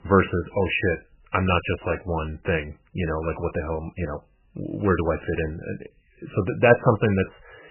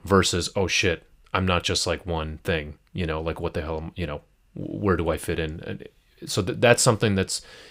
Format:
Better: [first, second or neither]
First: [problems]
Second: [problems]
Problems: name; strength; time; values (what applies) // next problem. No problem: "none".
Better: second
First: garbled, watery; badly; nothing above 3 kHz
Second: none